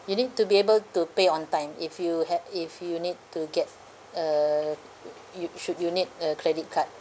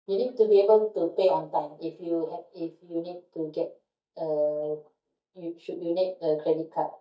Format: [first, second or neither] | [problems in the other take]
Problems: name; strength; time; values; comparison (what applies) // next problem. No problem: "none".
first | noise reduction (neural mask model DeepFilterNet 3)